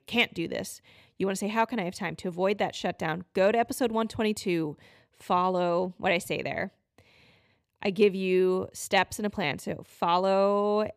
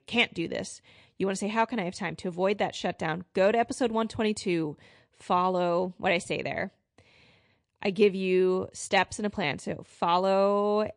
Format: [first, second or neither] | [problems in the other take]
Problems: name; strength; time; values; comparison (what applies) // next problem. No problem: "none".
first | garbled, watery; slightly; nothing above 10 kHz